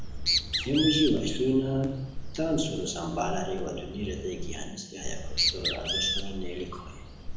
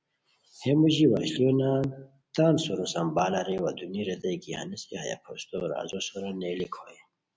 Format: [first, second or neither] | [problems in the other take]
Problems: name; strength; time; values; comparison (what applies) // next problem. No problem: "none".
second | background sound (Bird); 2 dB below the speech // room echo; dies away in 0.9 s